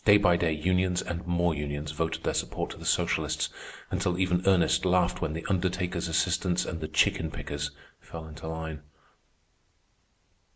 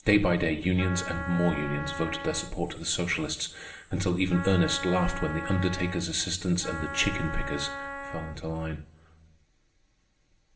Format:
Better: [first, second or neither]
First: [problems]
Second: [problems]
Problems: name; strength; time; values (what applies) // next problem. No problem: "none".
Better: first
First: none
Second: background sound (Wind instrument, woodwind instrument); 9 dB below the speech // room echo; dies away in 1.3 s